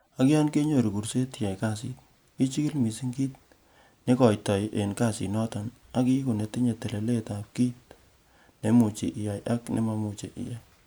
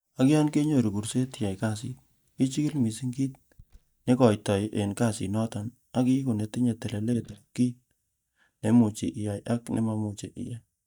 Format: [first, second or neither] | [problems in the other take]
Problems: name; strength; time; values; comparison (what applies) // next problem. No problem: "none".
first | noise reduction (neural mask model DeepFilterNet 3)